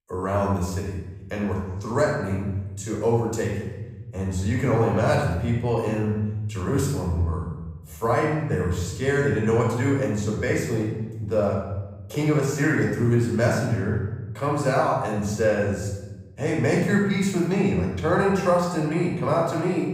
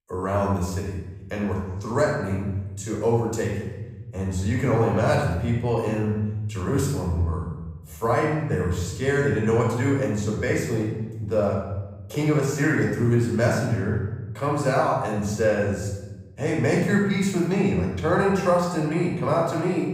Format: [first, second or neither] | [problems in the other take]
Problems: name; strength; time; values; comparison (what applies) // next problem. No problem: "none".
neither | off-mic speech; far; the same in both // room echo; noticeable; dies away in 1.1 s; the same in both